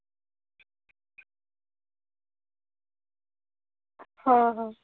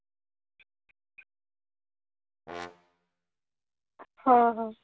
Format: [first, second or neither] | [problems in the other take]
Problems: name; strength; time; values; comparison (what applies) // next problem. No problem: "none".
first | background sound (Brass instrument); 16 dB below the speech